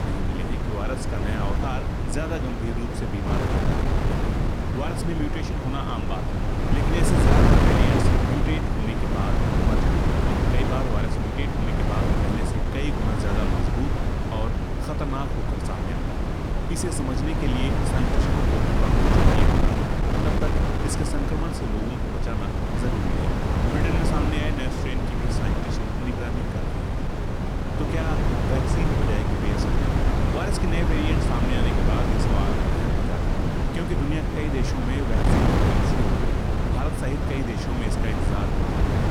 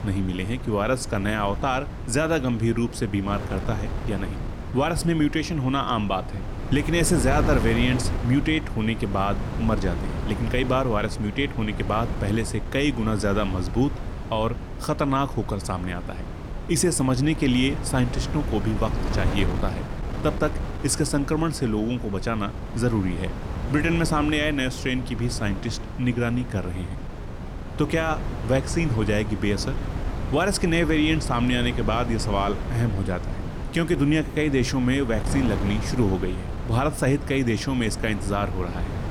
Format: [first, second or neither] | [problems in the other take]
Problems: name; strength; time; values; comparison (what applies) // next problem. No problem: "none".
second | wind noise on the microphone; heavy; 5 dB above the speech; occasional gusts in the second